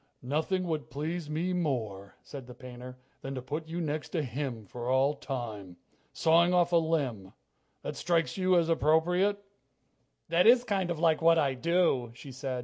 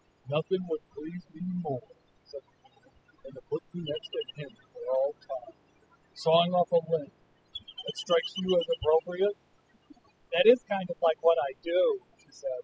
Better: first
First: none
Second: noise reduction (classical method spectral subtraction)

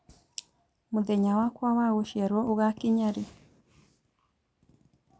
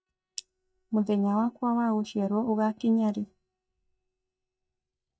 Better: first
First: none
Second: noise reduction (neural mask model DeepFilterNet 3)

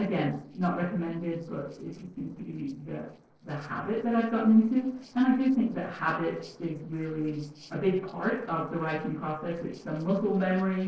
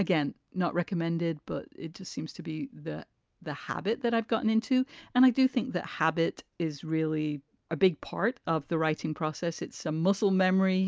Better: second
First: noise reduction (neural separator model SepFormer DNS4)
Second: none

